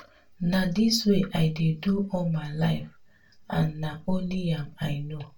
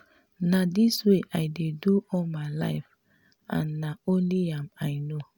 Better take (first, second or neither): second